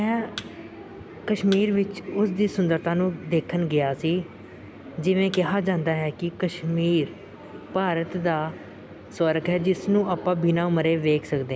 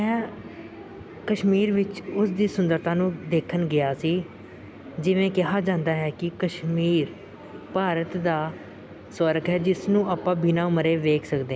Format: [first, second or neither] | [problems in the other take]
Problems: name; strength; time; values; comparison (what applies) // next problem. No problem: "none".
second | background sound (Thump, thud); 19 dB below the speech